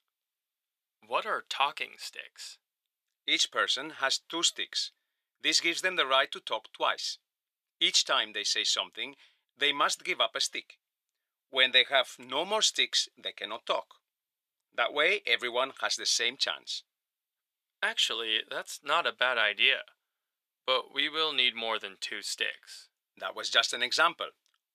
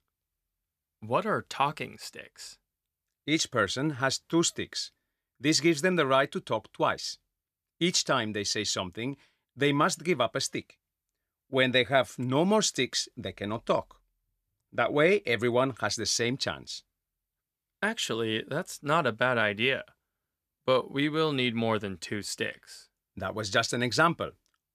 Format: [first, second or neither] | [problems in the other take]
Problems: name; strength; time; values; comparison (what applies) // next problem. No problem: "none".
second | thin; very; fading below 600 Hz